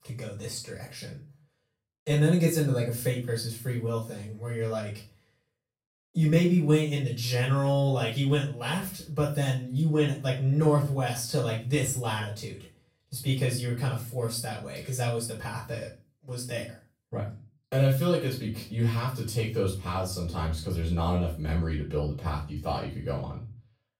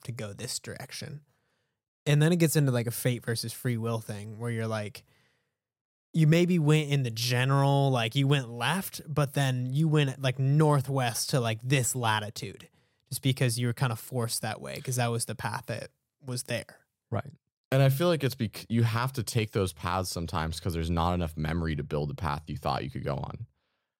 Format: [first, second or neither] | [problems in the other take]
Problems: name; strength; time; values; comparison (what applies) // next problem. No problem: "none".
second | room echo; slight; dies away in 0.3 s // off-mic speech; far